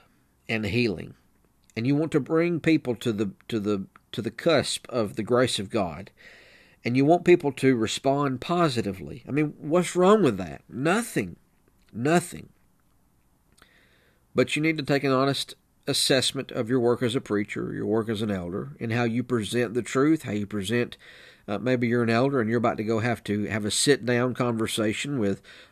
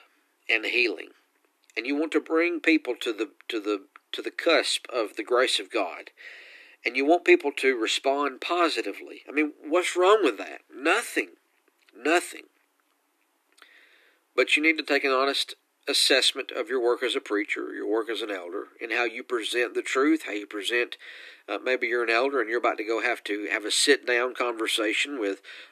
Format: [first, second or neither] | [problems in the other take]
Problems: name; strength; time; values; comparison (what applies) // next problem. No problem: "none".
first | thin; somewhat; fading below 300 Hz